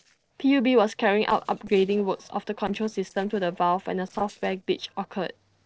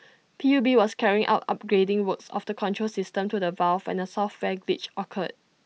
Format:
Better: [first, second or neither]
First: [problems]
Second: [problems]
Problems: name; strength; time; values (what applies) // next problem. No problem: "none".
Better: second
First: noise reduction (neural separator model SepFormer DNS4)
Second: none